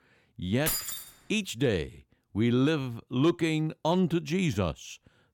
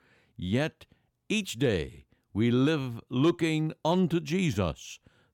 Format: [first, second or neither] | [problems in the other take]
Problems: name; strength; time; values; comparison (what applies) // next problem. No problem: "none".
second | jangling keys; noticeable; at 0.5 s; peak 1 dB below the speech